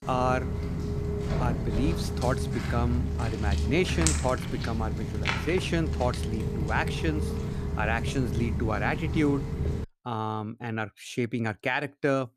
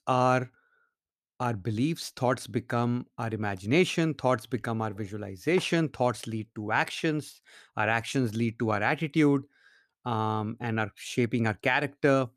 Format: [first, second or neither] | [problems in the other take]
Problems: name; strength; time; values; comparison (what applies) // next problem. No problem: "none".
second | footsteps; loud; until 10 s; peak 4 dB above the speech